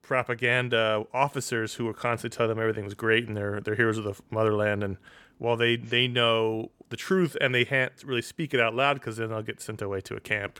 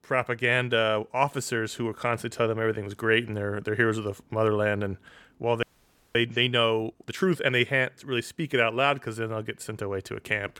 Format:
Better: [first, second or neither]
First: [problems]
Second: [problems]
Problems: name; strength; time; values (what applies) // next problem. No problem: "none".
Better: first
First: none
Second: audio freezing; at 5.5 s for 0.5 s